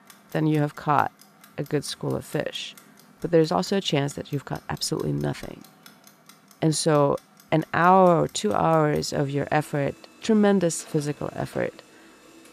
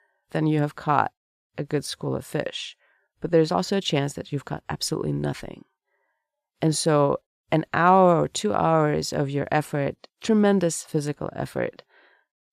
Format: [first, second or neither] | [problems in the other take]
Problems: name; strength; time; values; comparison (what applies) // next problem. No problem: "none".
second | household noises; faint; throughout; 25 dB below the speech